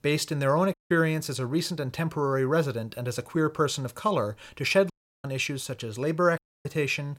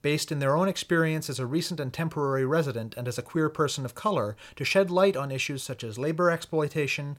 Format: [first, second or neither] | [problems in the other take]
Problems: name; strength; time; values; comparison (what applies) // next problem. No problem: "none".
second | audio cutting out; at 0.5 s, at 5 s and at 6.5 s